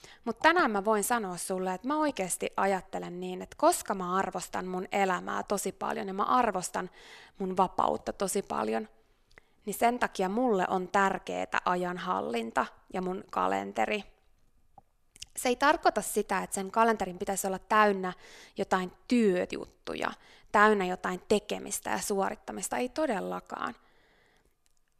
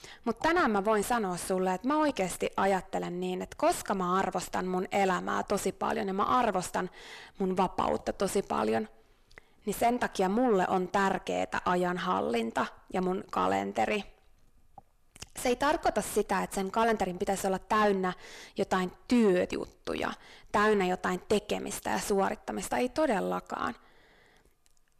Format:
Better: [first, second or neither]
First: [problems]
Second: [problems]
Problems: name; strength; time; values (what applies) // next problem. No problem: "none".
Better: first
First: none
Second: distortion; heavy; 7 dB below the speech